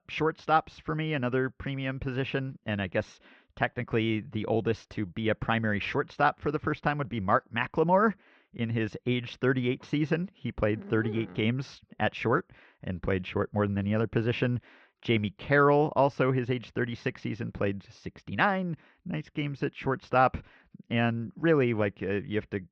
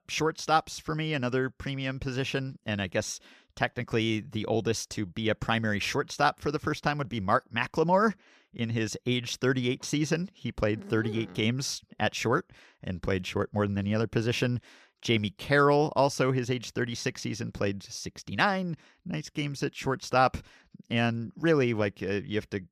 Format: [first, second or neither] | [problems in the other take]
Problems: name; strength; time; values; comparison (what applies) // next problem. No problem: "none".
second | muffled; very; fading above 3 kHz